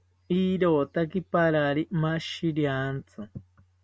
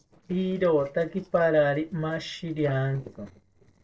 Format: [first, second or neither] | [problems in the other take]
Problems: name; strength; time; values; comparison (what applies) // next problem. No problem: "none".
first | noise reduction (neural separator model SepFormer DNS4)